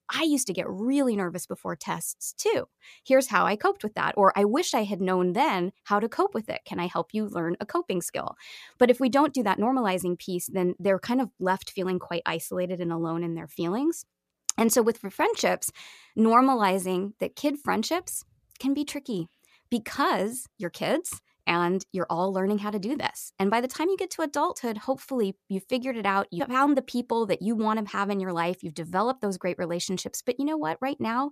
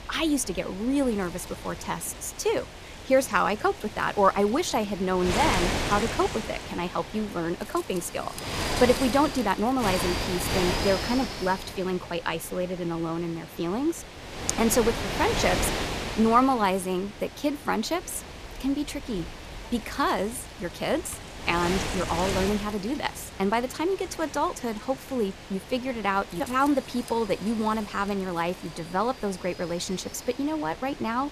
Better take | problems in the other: first | wind noise on the microphone; heavy; 7 dB below the speech

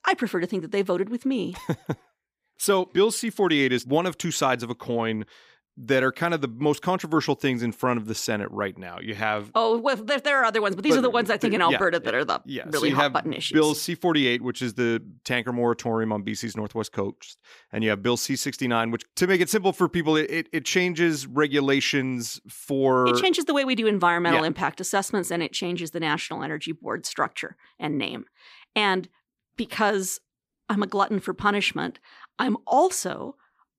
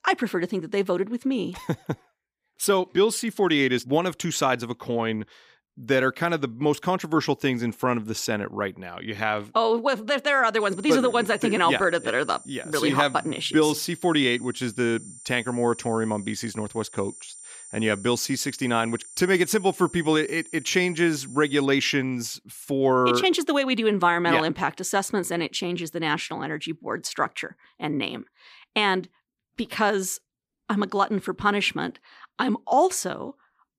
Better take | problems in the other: first | high-pitched whine; noticeable; from 11 to 22 s; 9 kHz, 15 dB below the speech

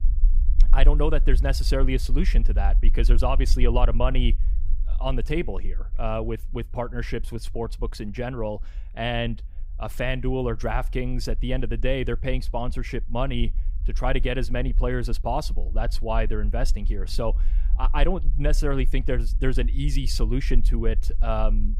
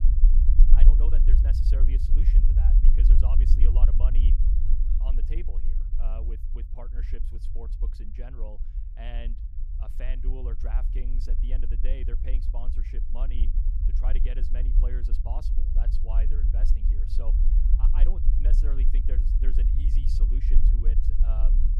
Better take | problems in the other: first | low rumble; loud; throughout; 1 dB below the speech; faint in the first

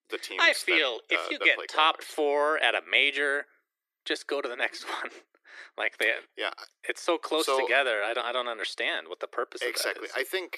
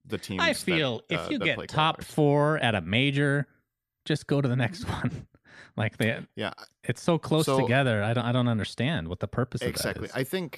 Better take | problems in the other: second | thin; very; fading below 350 Hz

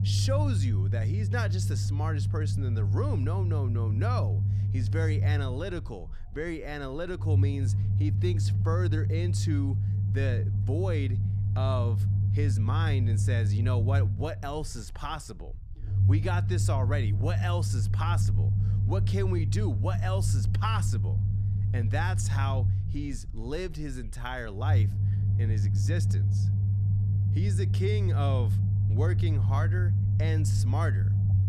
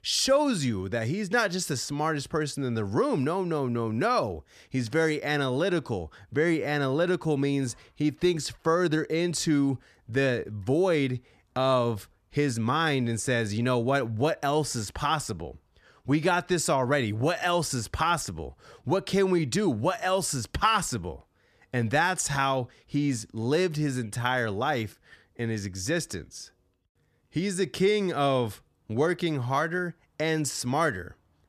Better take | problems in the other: second | low rumble; loud; throughout; 5 dB below the speech

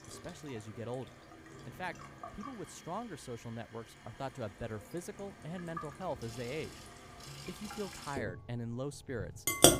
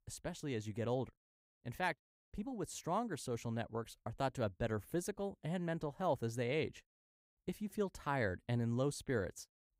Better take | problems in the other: second | household noises; very loud; throughout; 3 dB above the speech

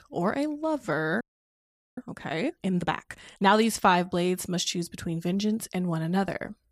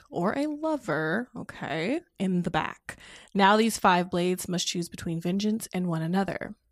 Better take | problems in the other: second | audio freezing; at 1 s for 1 s

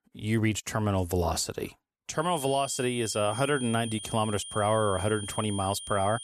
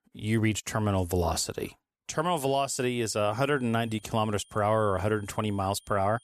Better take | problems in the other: second | high-pitched whine; loud; from 2 s on; 3 kHz, 10 dB below the speech; faint in the second

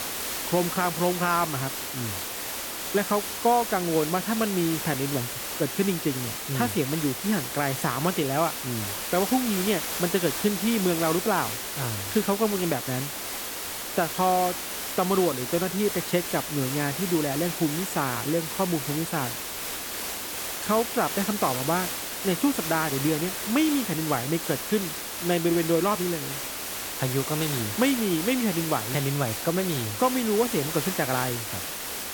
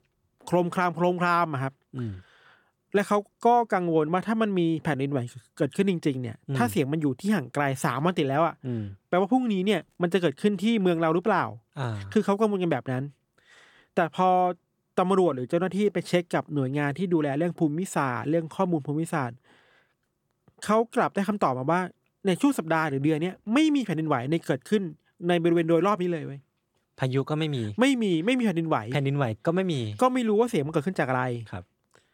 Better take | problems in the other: second | hiss; loud; throughout; 3 dB below the speech

